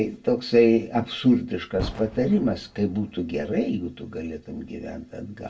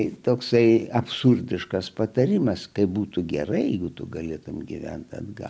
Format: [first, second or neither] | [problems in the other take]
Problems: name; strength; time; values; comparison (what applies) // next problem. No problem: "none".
second | background sound (Boom); 16 dB below the speech // room echo; dies away in 0.1 s